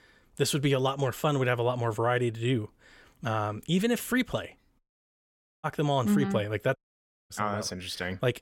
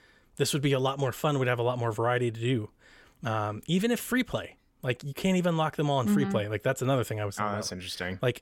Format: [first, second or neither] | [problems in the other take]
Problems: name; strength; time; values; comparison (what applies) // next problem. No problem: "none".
second | audio cutting out; at 5 s for 1 s and at 7 s for 0.5 s